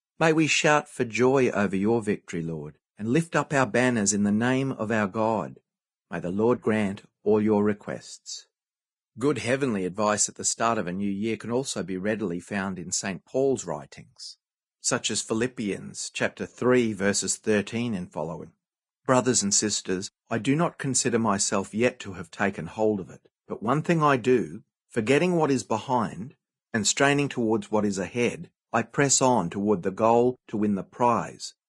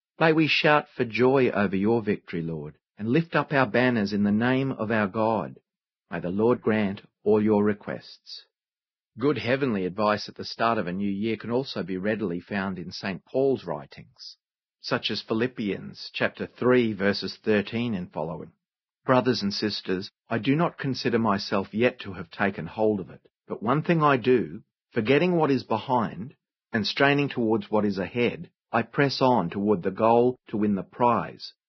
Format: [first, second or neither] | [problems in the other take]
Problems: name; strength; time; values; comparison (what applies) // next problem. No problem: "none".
first | garbled, watery; badly; nothing above 5.5 kHz; slightly in the first